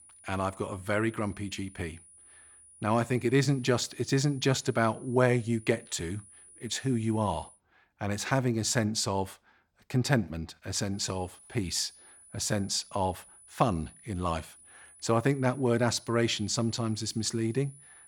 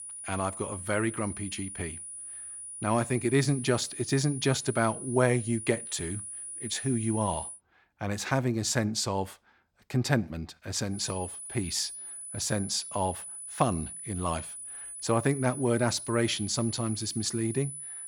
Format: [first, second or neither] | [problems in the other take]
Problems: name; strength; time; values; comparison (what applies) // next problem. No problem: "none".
first | high-pitched whine; loud; until 7.5 s and from 11 s on; 9.5 kHz, 8 dB below the speech; faint in the first